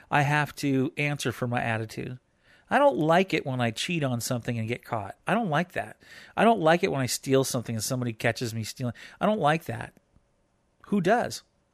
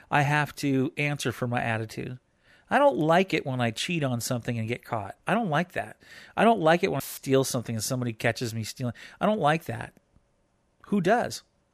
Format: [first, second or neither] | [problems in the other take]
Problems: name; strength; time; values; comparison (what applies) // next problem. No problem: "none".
first | audio cutting out; filled with static; at 7 s